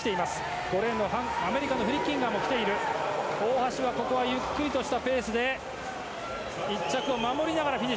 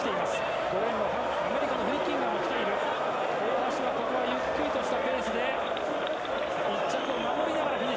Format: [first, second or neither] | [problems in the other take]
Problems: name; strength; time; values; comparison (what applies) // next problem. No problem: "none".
first | background sound (Crowd); 3 dB above the speech